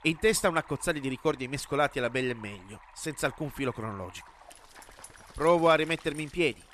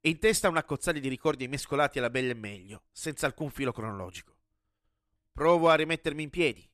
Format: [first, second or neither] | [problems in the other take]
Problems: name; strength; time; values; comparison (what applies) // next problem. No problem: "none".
second | rain or running water; faint; throughout; 20 dB below the speech